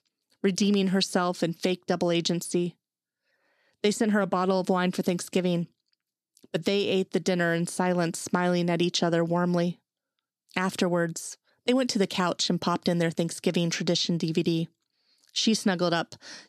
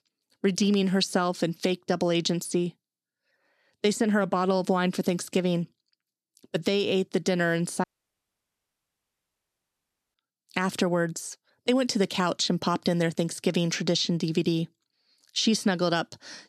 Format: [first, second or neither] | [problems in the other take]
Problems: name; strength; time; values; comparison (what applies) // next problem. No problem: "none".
first | audio cutting out; at 8 s for 2.5 s